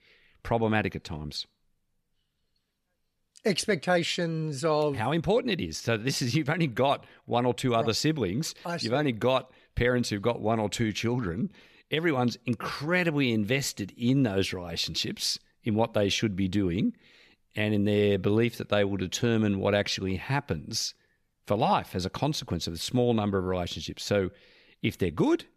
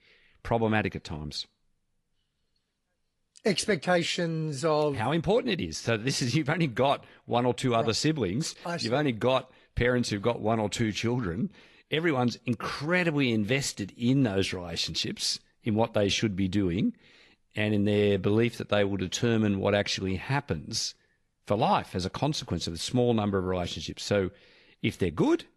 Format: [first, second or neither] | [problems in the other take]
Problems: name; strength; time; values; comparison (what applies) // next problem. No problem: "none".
first | garbled, watery; slightly; nothing above 11.5 kHz